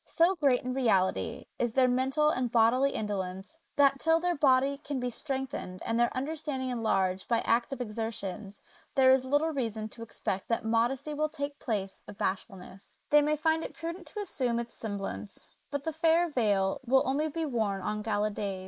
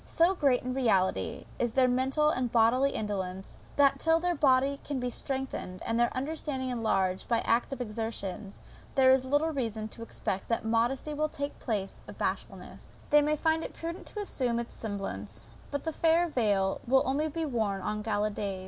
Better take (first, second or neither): second